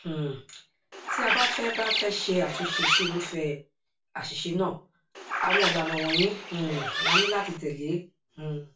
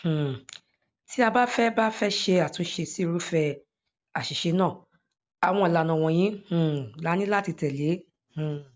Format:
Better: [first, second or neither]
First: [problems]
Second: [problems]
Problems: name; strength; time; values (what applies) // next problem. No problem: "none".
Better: second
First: background sound (Bird); 2 dB above the speech // room echo; dies away in 0.2 s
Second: none